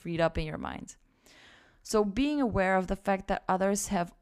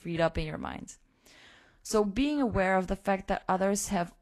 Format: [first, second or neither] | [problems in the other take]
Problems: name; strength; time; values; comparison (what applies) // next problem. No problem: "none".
first | garbled, watery; slightly; nothing above 12 kHz